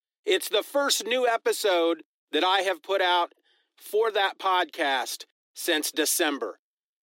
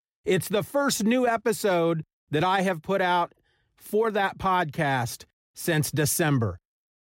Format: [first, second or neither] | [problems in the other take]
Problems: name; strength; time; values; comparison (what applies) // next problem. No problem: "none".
second | thin; somewhat; fading below 300 Hz